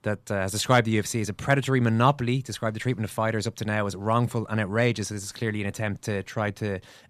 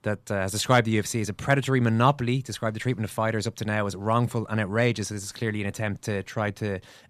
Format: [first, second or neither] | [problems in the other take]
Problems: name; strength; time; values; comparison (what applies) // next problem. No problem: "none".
neither | none